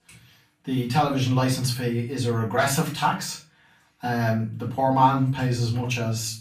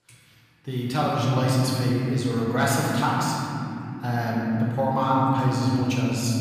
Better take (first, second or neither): first